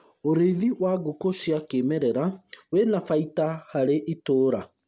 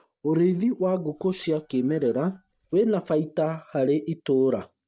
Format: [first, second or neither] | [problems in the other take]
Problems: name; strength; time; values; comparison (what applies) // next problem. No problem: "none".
first | noise reduction (neural mask model DeepFilterNet 3)